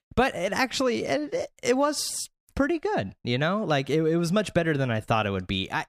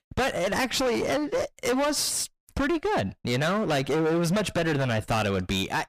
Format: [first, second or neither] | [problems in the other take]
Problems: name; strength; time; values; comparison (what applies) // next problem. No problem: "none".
first | distortion; heavy; 27% of the sound clipped